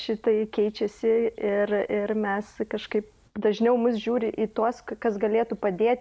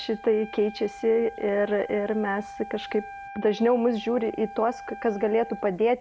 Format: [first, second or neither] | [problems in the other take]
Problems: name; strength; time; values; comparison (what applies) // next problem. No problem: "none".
first | background sound (Wind instrument, woodwind instrument); 16 dB below the speech